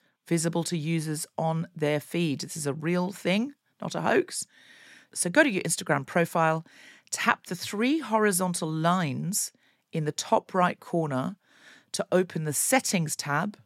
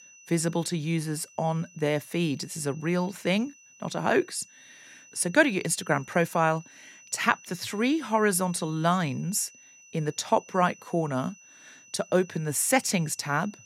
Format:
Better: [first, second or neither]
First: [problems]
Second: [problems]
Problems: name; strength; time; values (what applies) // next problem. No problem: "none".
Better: first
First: none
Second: high-pitched whine; faint; throughout; 6 kHz, 25 dB below the speech